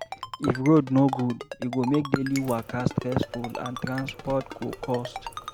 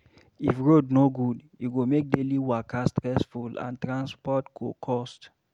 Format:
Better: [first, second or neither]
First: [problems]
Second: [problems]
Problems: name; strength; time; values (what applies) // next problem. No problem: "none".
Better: second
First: background sound (Water tap, faucet + Ringtone); 12 dB below the speech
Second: none